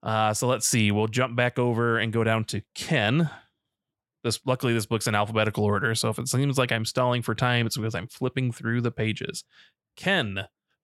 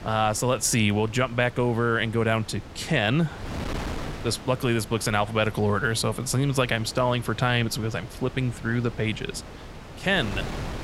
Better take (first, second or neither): first